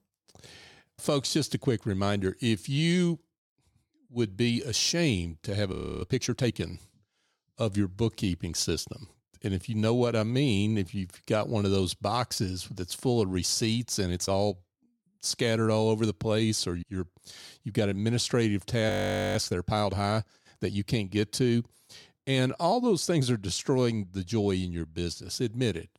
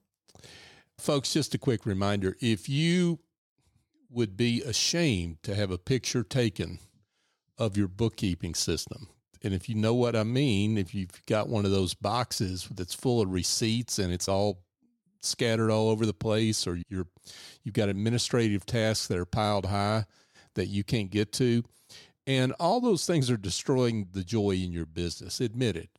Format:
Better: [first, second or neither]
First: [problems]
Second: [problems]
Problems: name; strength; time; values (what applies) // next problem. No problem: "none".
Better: second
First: audio freezing; at 5.5 s and at 19 s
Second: none